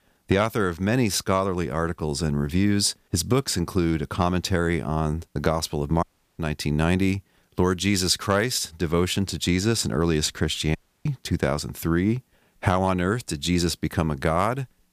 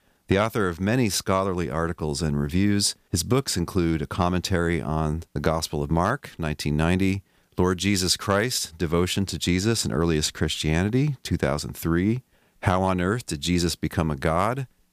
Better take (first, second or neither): second